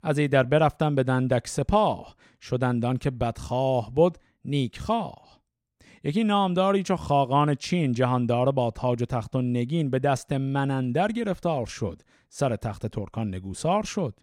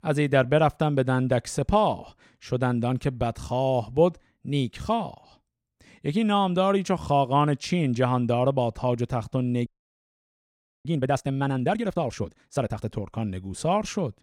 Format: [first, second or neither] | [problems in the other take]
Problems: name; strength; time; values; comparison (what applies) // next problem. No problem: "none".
first | audio freezing; at 9.5 s for 1 s